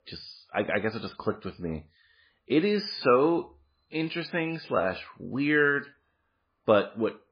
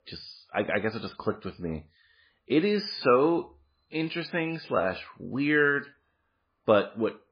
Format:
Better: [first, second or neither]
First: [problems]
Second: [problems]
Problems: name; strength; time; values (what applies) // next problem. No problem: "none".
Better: neither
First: garbled, watery; badly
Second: garbled, watery; badly